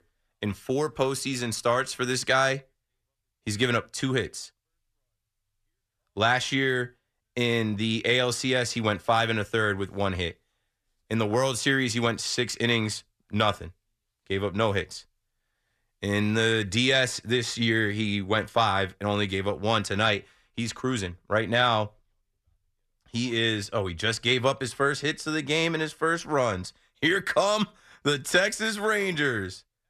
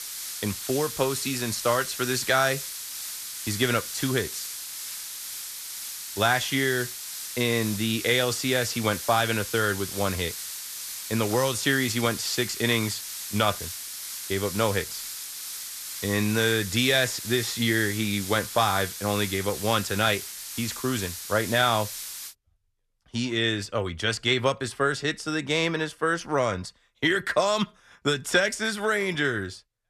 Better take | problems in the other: first | hiss; loud; until 22 s; 7 dB below the speech

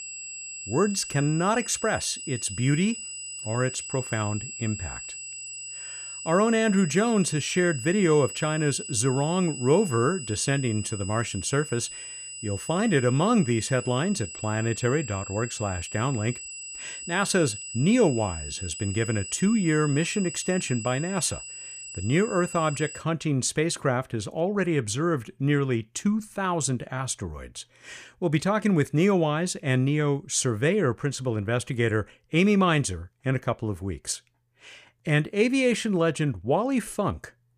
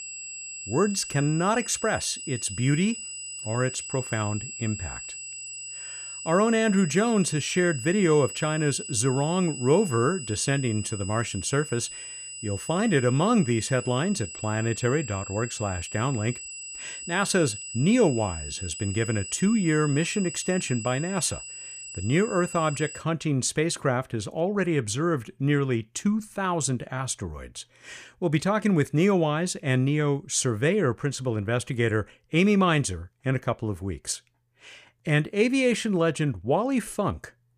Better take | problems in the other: neither | high-pitched whine; loud; until 23 s; 8 kHz, 10 dB below the speech; the same in both

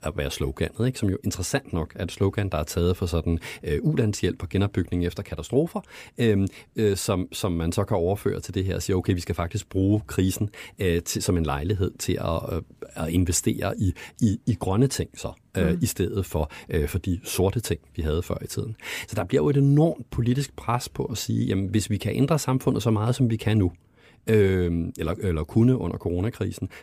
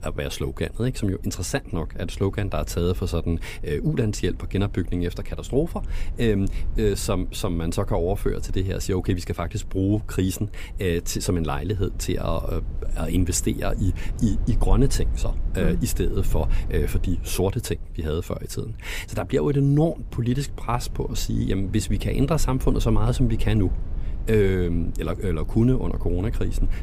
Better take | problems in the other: first | low rumble; faint; throughout; 20 dB below the speech

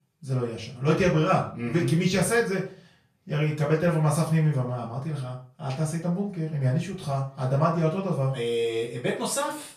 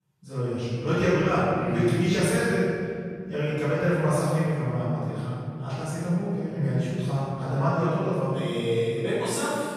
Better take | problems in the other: first | room echo; strong; dies away in 2.3 s; slight in the first // off-mic speech; far; far in the first

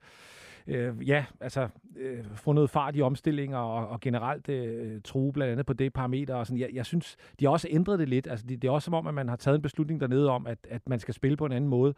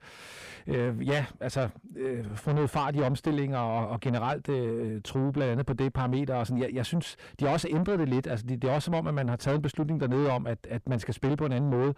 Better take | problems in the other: first | distortion; heavy; 7 dB below the speech

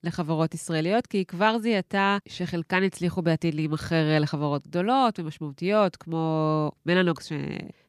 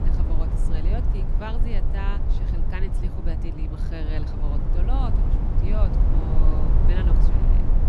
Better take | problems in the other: first | low rumble; loud; throughout; as loud as the speech

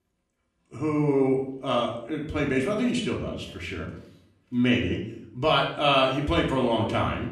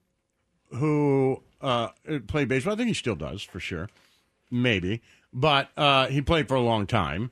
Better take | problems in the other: second | room echo; slight; dies away in 0.5 s // off-mic speech; far

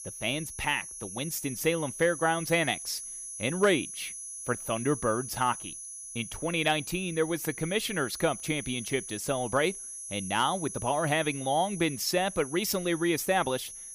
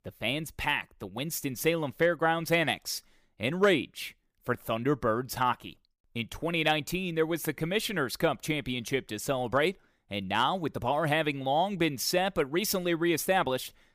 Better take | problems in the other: second | high-pitched whine; loud; throughout; 10.5 kHz, 9 dB below the speech

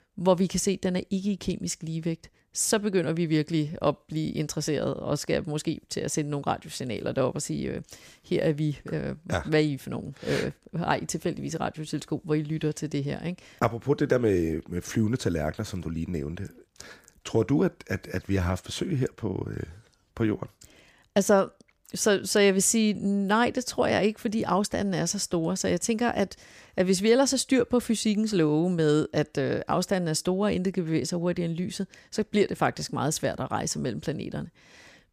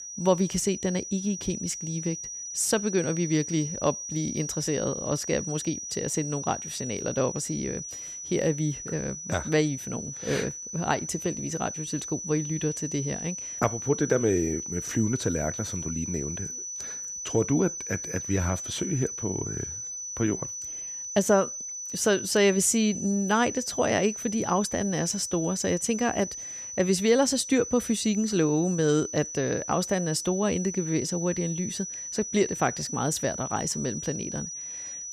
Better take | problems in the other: first | high-pitched whine; loud; throughout; 6 kHz, 6 dB below the speech

